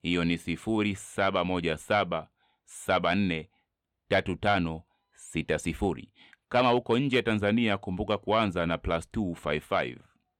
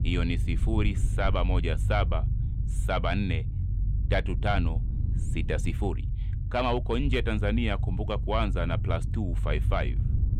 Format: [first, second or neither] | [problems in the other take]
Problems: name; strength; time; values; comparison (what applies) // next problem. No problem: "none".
first | low rumble; noticeable; throughout; 15 dB below the speech